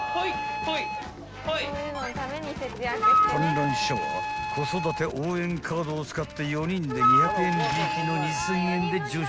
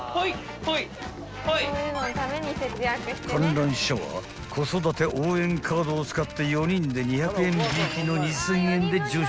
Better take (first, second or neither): second